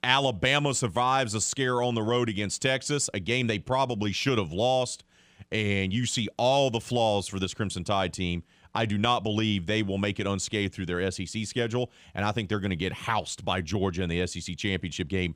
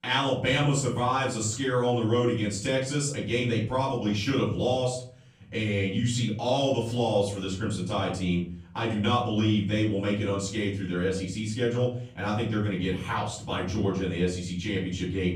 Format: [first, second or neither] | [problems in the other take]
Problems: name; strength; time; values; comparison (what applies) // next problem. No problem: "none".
first | off-mic speech; far // room echo; noticeable; dies away in 0.6 s